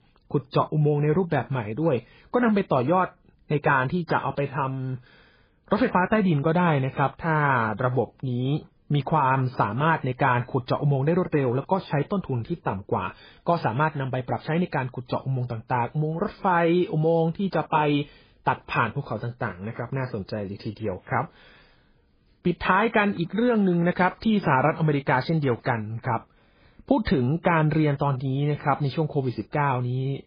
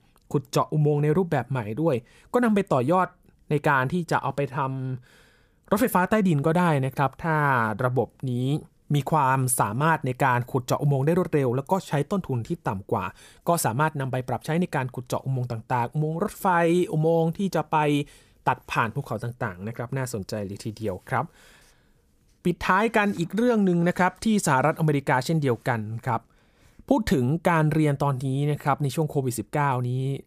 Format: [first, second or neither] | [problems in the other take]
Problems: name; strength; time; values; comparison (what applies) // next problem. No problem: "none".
second | garbled, watery; badly